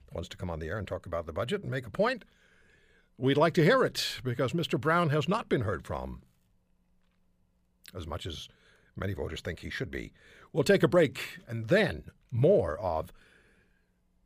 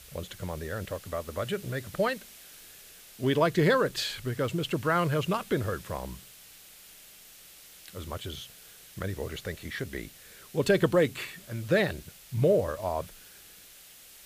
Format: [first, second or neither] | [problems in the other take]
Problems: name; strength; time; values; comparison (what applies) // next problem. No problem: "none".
first | hiss; noticeable; throughout; 20 dB below the speech